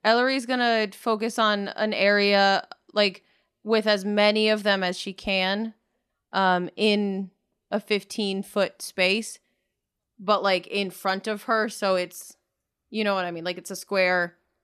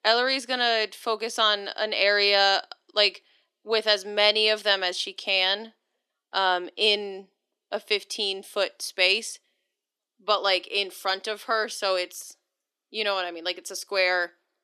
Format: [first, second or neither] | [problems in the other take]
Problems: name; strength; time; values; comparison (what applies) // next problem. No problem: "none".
first | thin; somewhat; fading below 300 Hz